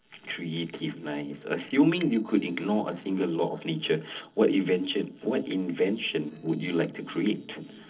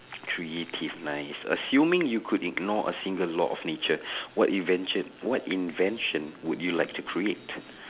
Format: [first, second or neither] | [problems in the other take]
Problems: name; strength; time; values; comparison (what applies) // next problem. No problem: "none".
second | noise reduction (neural separator model SepFormer DNS4)